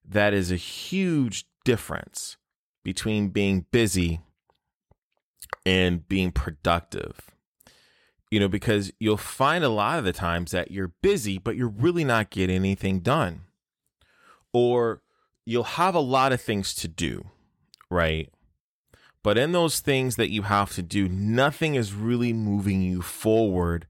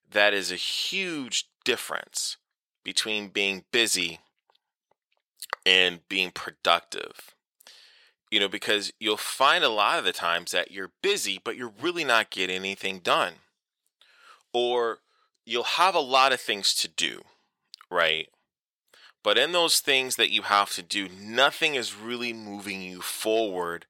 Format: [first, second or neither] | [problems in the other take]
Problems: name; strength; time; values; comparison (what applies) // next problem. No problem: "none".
first | thin; very; fading below 500 Hz